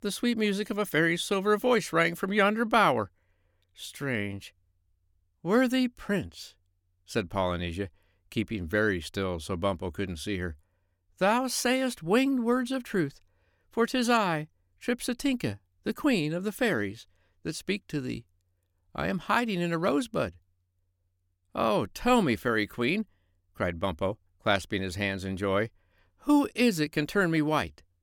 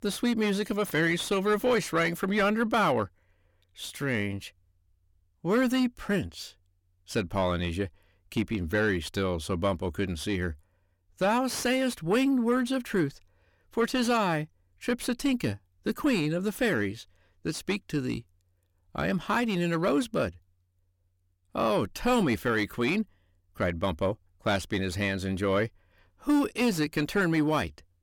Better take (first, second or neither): first